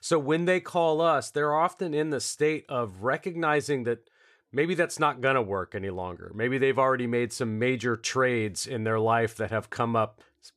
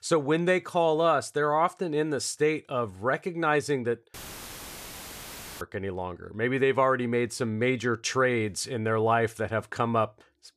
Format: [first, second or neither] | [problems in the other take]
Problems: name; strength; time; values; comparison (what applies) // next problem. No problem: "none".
first | audio cutting out; filled with static; at 4 s for 1.5 s